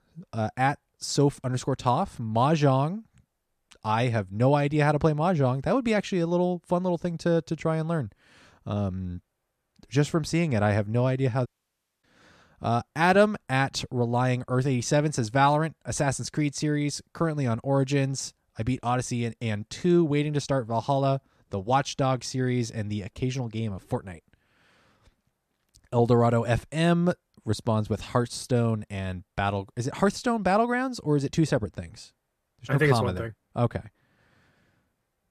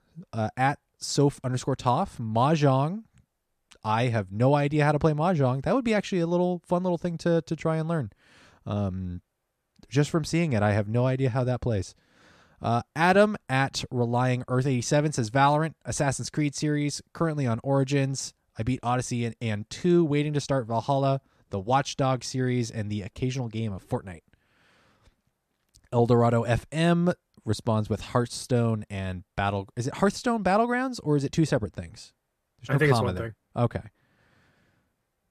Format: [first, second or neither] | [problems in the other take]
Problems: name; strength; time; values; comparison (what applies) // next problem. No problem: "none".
second | audio cutting out; at 11 s for 0.5 s